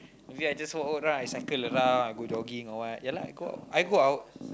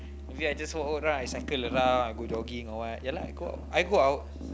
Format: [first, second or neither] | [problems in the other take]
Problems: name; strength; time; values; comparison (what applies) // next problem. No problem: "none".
first | background sound (Musical instrument); 11 dB below the speech